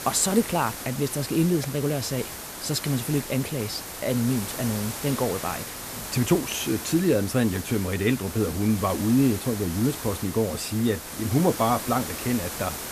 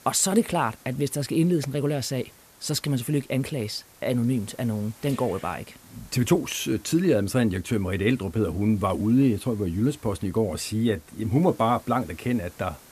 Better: second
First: hiss; loud; throughout; 8 dB below the speech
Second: hiss; faint; throughout; 25 dB below the speech

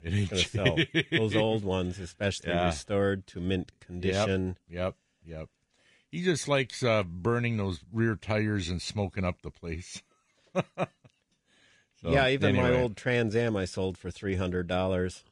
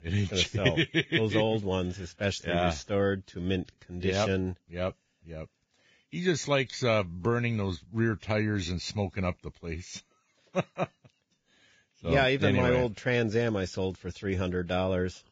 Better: first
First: garbled, watery; slightly; nothing above 10 kHz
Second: garbled, watery; badly; nothing above 7.5 kHz

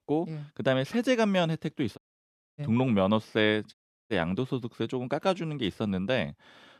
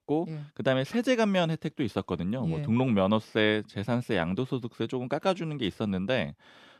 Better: second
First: audio cutting out; at 2 s for 0.5 s and at 3.5 s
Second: none

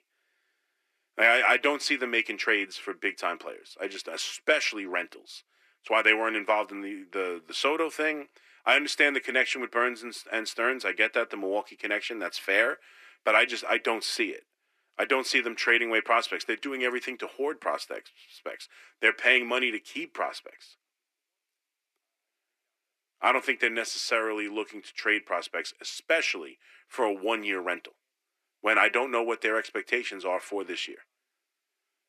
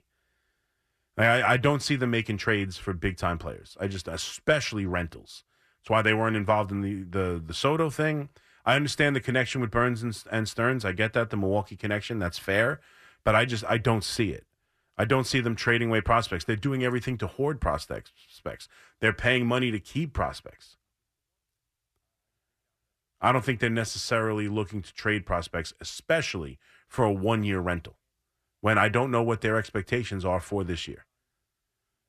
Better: second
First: thin; somewhat; fading below 300 Hz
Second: none

